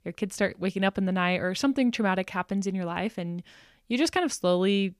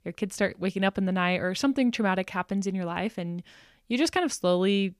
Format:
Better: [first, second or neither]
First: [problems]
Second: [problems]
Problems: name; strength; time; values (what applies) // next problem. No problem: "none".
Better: neither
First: none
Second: none